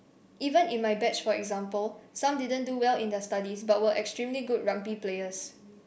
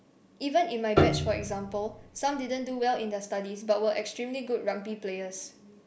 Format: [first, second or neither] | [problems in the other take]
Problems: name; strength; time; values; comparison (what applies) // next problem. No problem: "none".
first | background sound (Piano); as loud as the speech